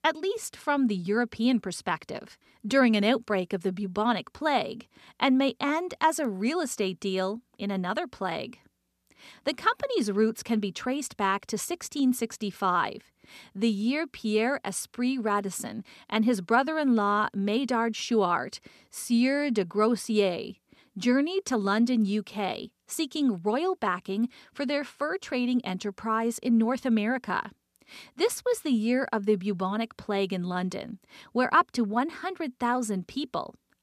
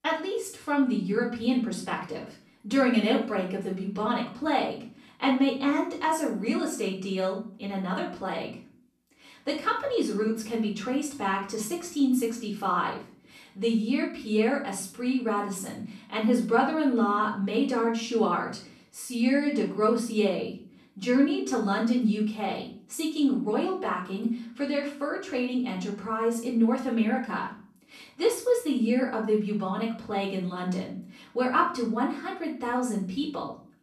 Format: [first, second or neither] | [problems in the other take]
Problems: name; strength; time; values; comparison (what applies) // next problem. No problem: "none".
first | off-mic speech; far // room echo; slight; dies away in 0.4 s